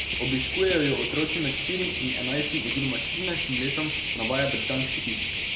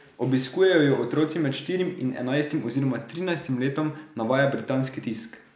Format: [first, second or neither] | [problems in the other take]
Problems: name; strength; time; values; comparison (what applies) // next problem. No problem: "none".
second | background sound (Cricket); as loud as the speech